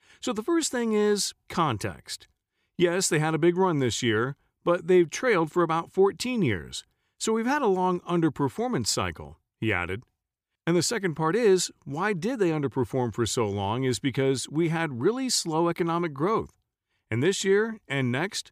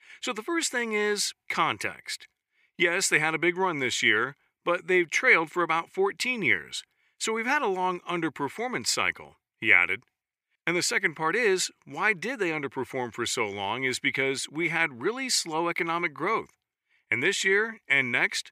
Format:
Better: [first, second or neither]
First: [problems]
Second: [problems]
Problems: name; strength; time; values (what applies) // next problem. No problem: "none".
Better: first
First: none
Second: thin; somewhat; fading below 950 Hz